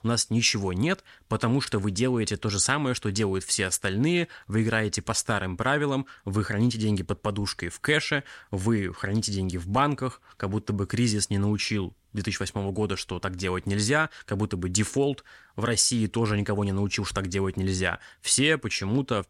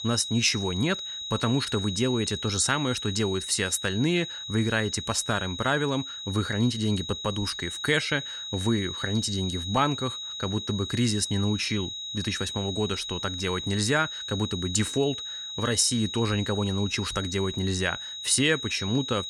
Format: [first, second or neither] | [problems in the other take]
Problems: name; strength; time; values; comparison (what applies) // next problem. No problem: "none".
first | high-pitched whine; loud; throughout; 4 kHz, 6 dB below the speech